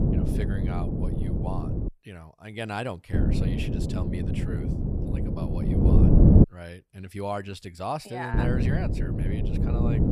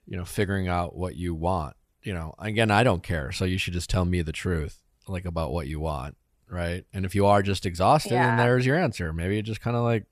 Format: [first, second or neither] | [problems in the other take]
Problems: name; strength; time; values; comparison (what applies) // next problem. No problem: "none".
second | wind noise on the microphone; heavy; until 2 s, from 3 to 6.5 s and from 8.5 s on; 3 dB above the speech